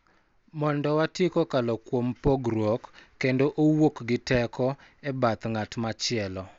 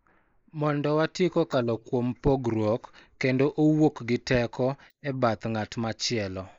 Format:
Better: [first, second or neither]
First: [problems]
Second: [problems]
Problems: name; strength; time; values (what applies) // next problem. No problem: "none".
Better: first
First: none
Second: noise reduction (neural mask model Resemble Enhance denoiser)